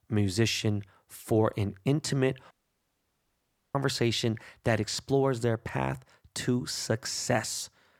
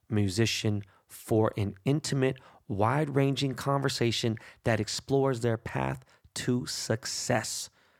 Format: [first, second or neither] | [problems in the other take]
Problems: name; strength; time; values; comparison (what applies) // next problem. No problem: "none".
second | audio cutting out; at 2.5 s for 1 s